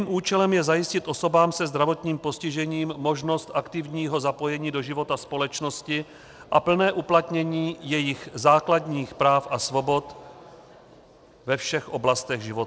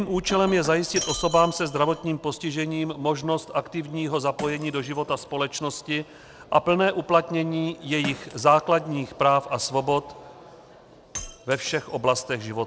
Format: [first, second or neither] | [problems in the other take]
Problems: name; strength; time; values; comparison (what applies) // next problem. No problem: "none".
first | background sound (Shatter); 17 dB below the speech